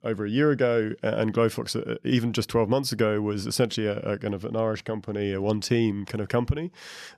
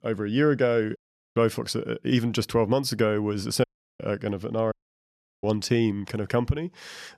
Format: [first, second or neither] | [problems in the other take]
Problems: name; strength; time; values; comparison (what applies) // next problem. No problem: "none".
first | audio cutting out; at 1 s, at 3.5 s and at 4.5 s for 0.5 s